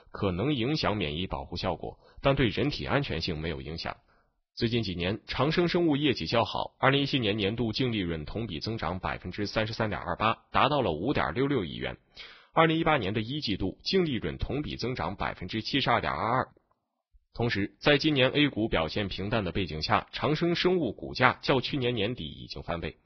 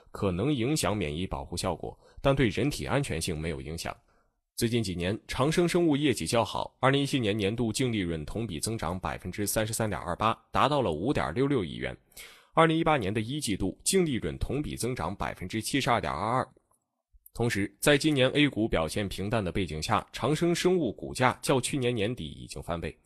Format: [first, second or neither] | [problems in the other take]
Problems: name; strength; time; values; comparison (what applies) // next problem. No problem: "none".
second | garbled, watery; badly; nothing above 5.5 kHz; slightly in the second